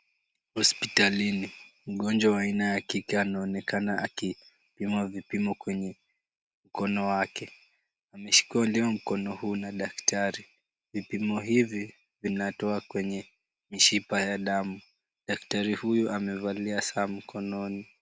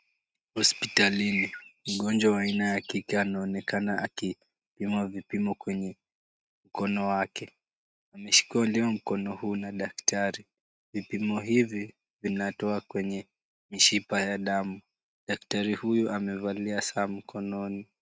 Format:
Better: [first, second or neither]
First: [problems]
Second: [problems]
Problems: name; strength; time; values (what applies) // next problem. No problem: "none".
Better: first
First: none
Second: noise reduction (neural mask model RNNoise)